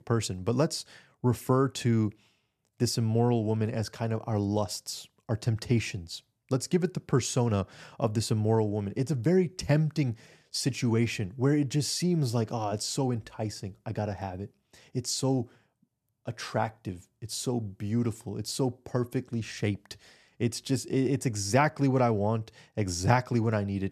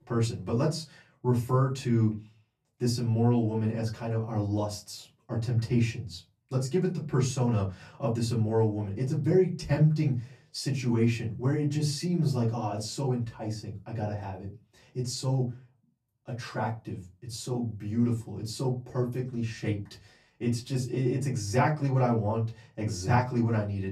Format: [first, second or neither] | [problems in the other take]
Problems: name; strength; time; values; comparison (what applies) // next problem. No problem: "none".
first | off-mic speech; far // room echo; very slight; dies away in 0.3 s